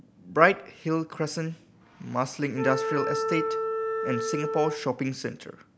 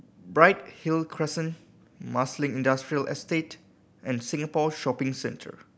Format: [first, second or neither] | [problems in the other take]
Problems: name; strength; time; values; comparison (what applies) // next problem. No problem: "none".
second | background sound (Wind instrument, woodwind instrument); 2 dB below the speech